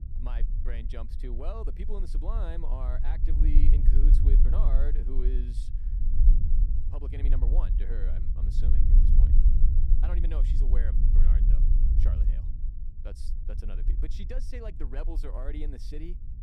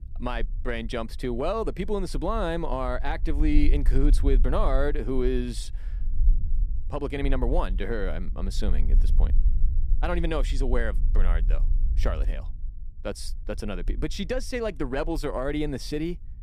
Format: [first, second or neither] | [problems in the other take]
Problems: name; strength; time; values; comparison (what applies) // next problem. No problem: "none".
second | low rumble; loud; throughout; 3 dB below the speech; faint in the second